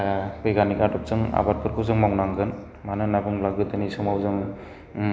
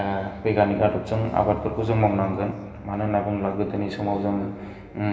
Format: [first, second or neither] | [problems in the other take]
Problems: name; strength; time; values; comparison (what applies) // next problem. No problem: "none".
first | room echo; dies away in 2.8 s